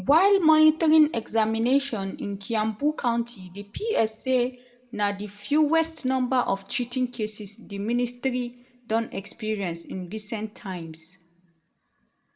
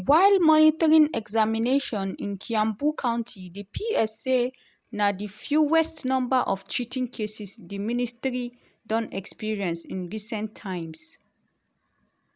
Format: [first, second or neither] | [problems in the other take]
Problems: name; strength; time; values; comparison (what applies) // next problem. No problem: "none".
second | room echo; dies away in 0.5 s